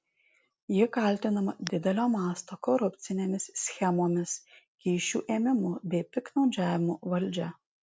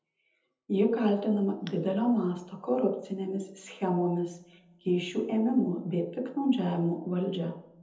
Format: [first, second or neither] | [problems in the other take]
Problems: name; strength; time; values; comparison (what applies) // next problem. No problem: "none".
first | room echo; dies away in 0.8 s